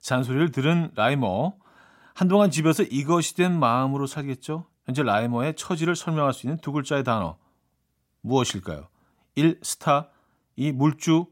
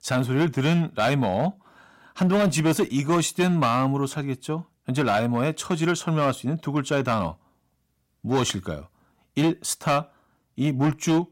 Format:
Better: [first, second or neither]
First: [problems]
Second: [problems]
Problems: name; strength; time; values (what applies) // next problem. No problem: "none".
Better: first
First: none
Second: distortion; slight; 7% of the sound clipped